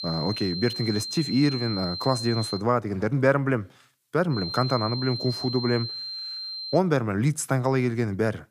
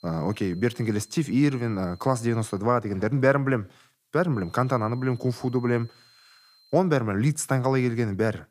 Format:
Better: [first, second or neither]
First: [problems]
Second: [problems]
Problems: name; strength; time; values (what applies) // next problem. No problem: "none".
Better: second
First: high-pitched whine; loud; until 2.5 s and from 4.5 to 7 s; 4 kHz, 6 dB below the speech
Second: high-pitched whine; faint; until 2.5 s and from 4.5 to 7 s; 4 kHz, 30 dB below the speech